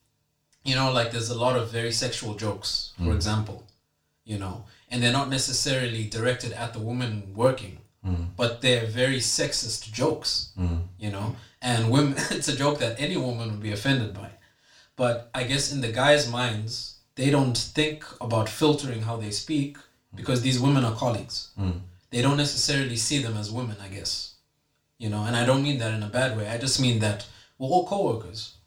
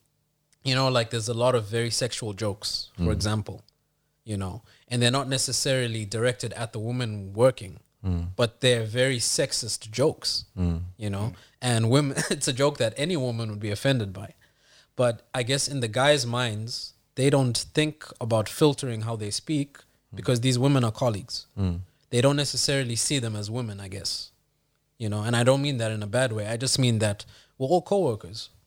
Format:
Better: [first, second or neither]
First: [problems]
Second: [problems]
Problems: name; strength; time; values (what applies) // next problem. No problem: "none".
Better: second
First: room echo; very slight; dies away in 0.3 s // off-mic speech; somewhat distant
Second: none